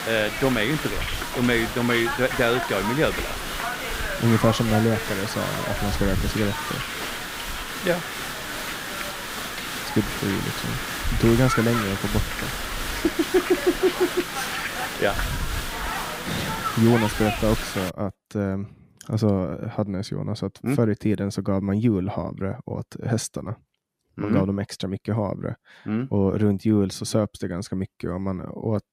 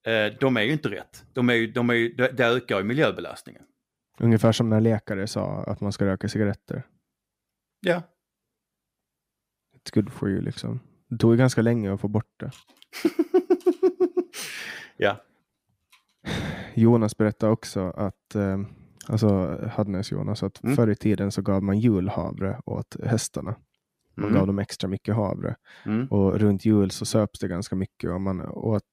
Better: second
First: hiss; loud; until 18 s; 3 dB below the speech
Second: none

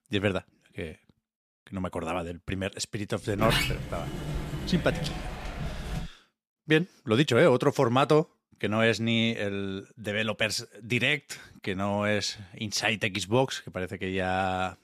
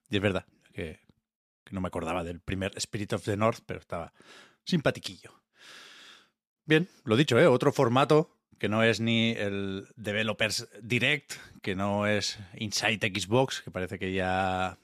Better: second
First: door banging; loud; from 3.5 to 6 s; peak 1 dB above the speech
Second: none

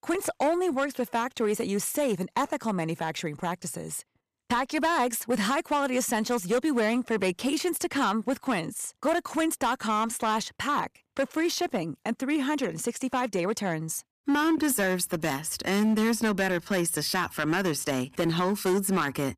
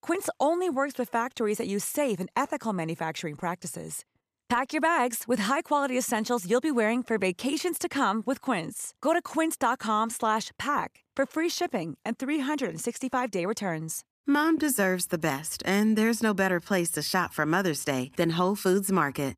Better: second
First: distortion; slight; 7% of the sound clipped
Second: none

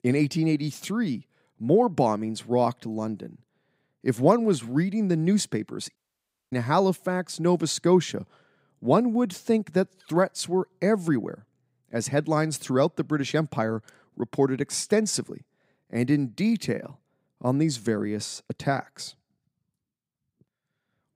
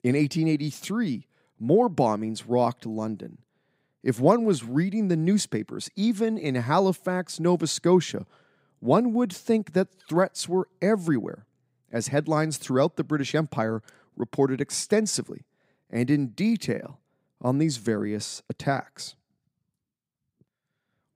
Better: second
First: audio cutting out; at 6 s for 0.5 s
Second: none

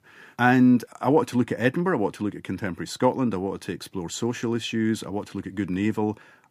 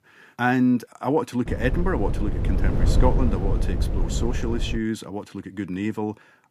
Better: first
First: none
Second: wind noise on the microphone; heavy; from 1.5 to 5 s; 8 dB below the speech

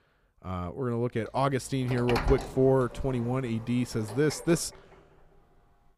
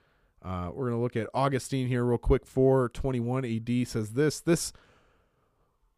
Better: second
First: door banging; noticeable; from 2 to 4.5 s; peak 3 dB below the speech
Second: none

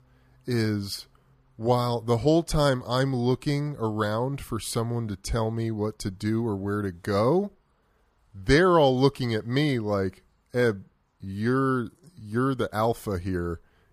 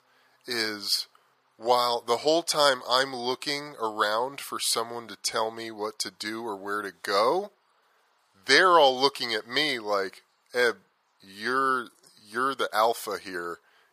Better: first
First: none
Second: thin; very; fading below 650 Hz

